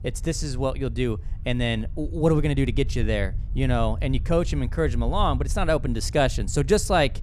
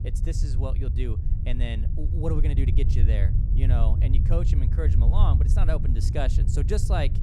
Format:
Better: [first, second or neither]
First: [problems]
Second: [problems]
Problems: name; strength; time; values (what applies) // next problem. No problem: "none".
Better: first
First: low rumble; faint; throughout; 25 dB below the speech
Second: low rumble; loud; throughout; 5 dB below the speech